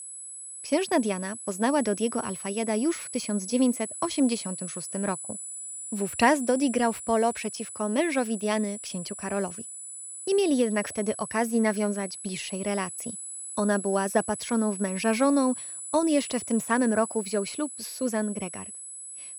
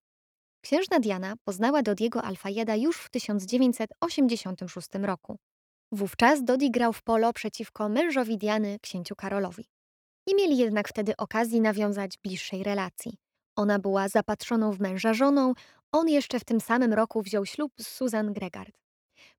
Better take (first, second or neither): second